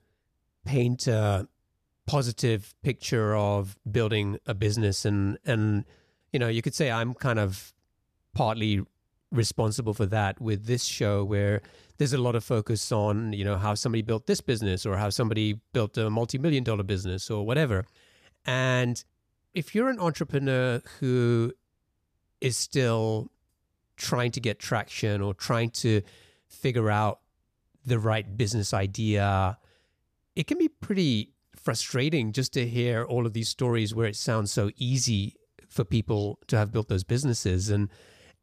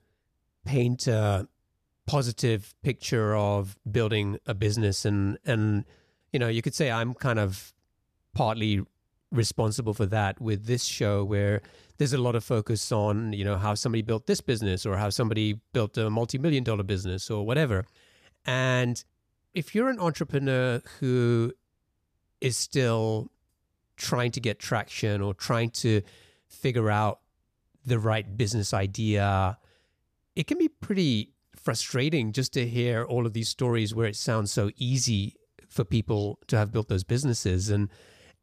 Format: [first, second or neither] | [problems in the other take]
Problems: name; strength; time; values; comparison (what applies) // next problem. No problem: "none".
neither | none